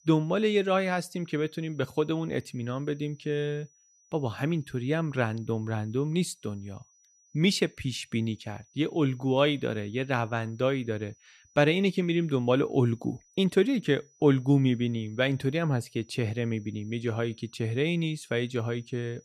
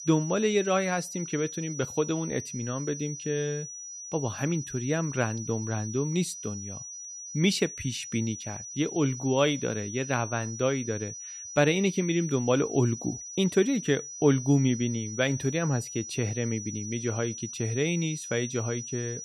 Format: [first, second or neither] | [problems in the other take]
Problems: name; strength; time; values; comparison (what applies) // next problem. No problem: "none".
first | high-pitched whine; loud; throughout; 6 kHz, 9 dB below the speech; faint in the first